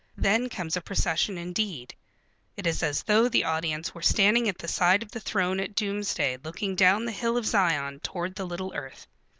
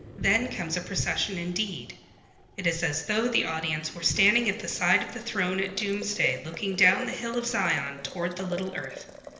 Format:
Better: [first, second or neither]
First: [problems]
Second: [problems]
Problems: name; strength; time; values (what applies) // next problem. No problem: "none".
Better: first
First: none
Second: background sound (Boiling); 15 dB below the speech // room echo; dies away in 1.4 s